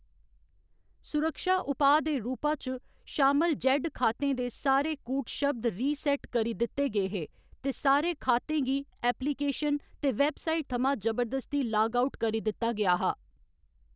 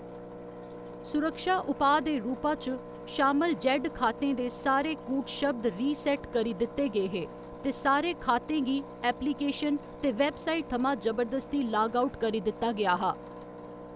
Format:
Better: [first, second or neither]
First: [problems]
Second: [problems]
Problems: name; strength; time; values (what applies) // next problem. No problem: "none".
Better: first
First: none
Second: background sound (Engine); 14 dB below the speech